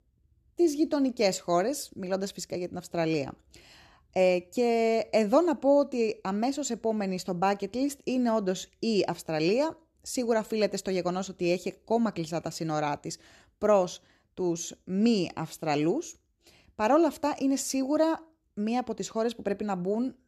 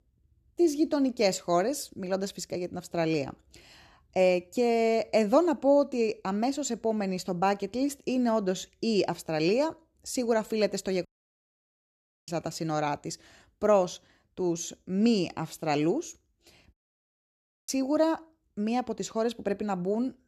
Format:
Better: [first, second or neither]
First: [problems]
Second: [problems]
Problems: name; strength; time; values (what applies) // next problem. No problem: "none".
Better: first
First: none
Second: audio cutting out; at 11 s for 1 s and at 17 s for 1 s